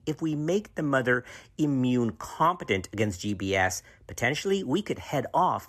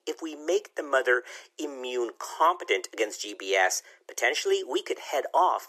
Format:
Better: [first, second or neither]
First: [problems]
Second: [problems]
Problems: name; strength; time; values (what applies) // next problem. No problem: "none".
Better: first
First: none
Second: thin; very; fading below 350 Hz